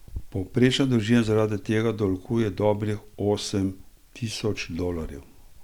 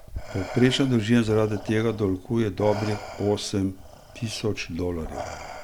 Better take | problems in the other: first | background sound (Respiratory sounds); 15 dB below the speech

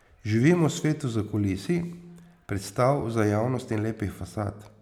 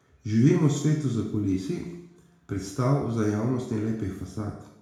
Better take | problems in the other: first | room echo; dies away in 0.6 s

